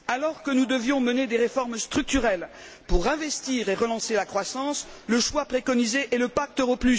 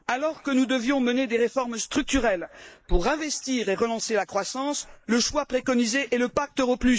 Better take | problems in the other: first | noise reduction (neural mask model Resemble Enhance denoiser)

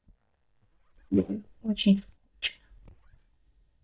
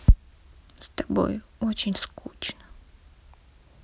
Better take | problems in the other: second | noise reduction (neural mask model DeepFilterNet 3)

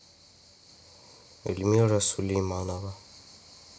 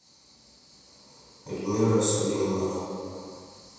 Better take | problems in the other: first | room echo; dies away in 2.1 s

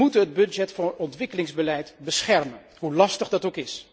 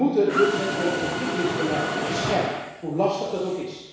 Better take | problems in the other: first | background sound (Mechanisms); 3 dB below the speech // room echo; dies away in 1.1 s

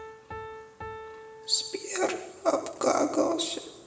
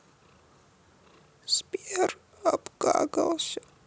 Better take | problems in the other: second | background sound (Piano); 15 dB below the speech // room echo; dies away in 2.9 s

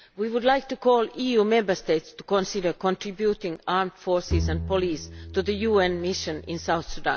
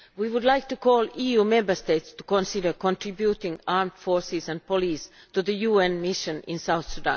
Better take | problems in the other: second | background sound (Bowed string instrument); 7 dB below the speech

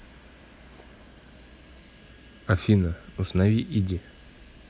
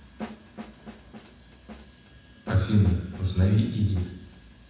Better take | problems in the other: first | background sound (Snare drum); 17 dB below the speech // room echo; dies away in 1.1 s

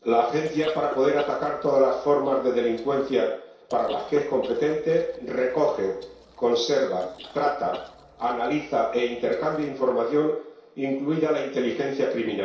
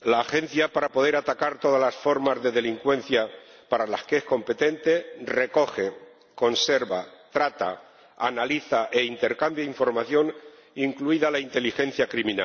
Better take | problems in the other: second | noise reduction (neural separator model SepFormer DNS4)

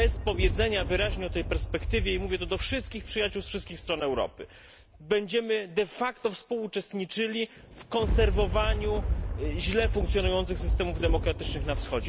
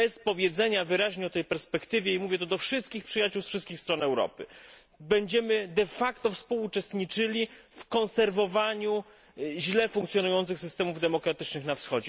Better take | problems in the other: second | background sound (Thunder); 1 dB below the speech

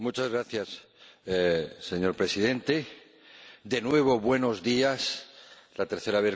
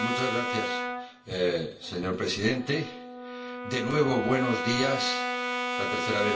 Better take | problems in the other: first | background sound (Brass instrument); 3 dB below the speech // room echo; dies away in 0.3 s

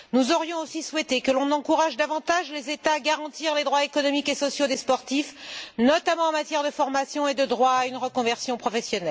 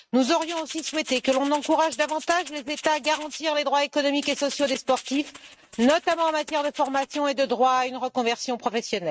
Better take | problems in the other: first | noise reduction (neural mask model RNNoise)

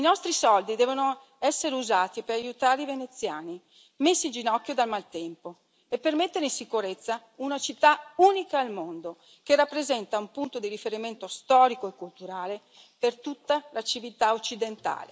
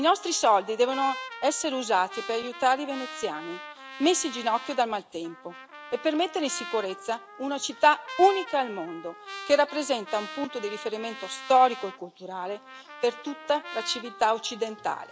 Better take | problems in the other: first | background sound (Trumpet); 15 dB below the speech

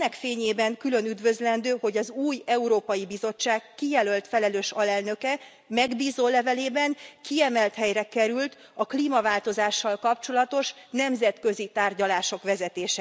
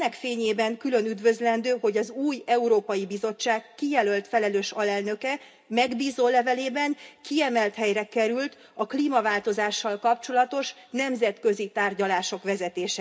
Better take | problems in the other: first | room echo; dies away in 0.3 s

